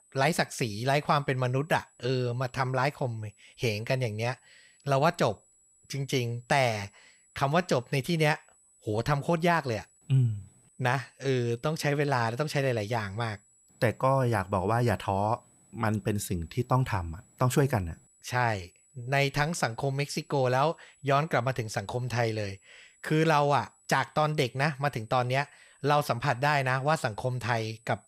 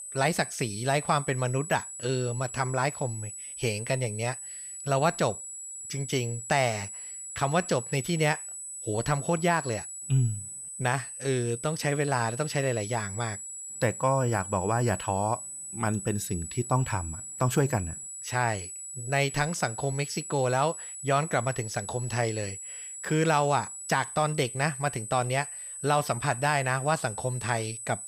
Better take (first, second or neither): first